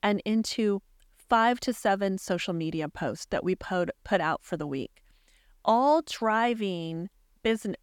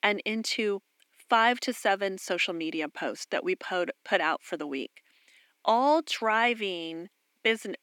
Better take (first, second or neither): first